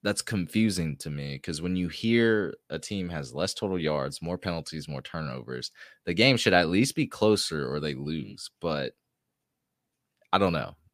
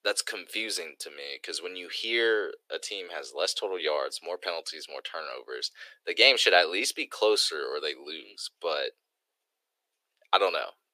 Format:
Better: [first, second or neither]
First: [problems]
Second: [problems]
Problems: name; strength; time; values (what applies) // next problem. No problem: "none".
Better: first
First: none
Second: thin; very; fading below 400 Hz